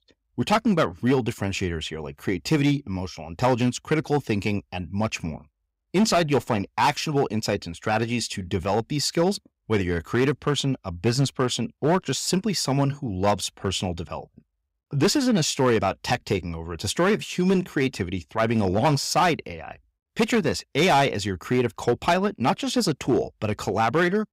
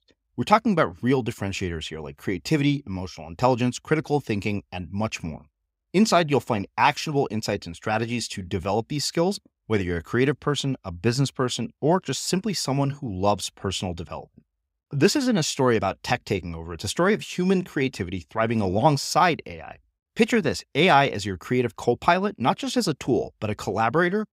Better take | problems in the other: second | distortion; slight; 4% of the sound clipped

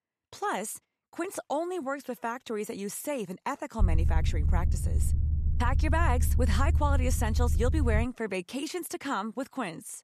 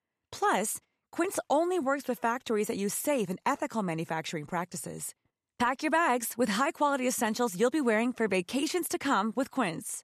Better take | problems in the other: second | low rumble; noticeable; from 4 to 8 s; 10 dB below the speech

